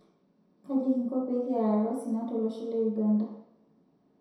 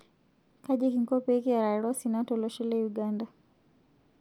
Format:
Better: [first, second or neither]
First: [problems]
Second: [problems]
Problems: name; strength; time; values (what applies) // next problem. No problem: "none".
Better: second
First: room echo; dies away in 0.7 s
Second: none